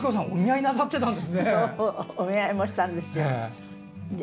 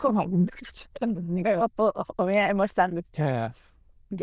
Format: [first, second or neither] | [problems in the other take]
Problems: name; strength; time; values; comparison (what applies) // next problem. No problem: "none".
first | noise reduction (neural diffusion model UNIVERSE++)